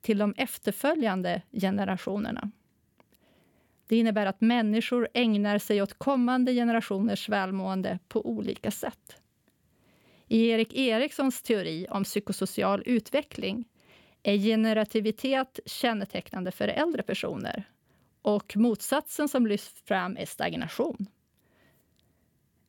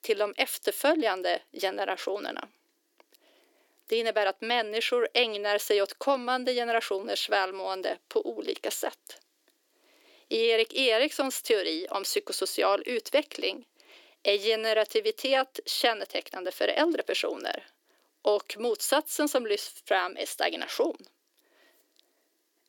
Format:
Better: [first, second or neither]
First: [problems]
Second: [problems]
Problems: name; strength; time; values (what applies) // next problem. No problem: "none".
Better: first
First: none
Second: thin; very; fading below 300 Hz